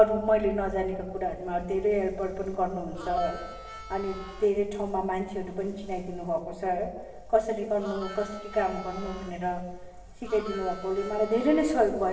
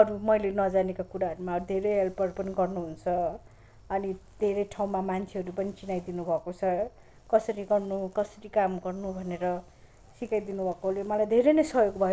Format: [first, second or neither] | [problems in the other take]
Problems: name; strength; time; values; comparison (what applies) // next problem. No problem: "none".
second | background sound (Harmonica); 15 dB below the speech // room echo; dies away in 1.1 s